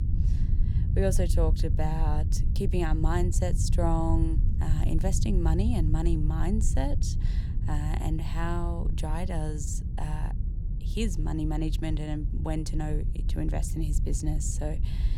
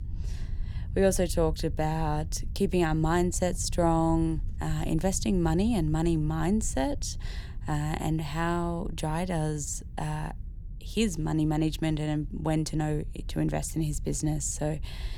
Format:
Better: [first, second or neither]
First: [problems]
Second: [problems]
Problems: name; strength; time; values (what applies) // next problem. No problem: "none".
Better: second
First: low rumble; loud; throughout; 10 dB below the speech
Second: low rumble; faint; throughout; 25 dB below the speech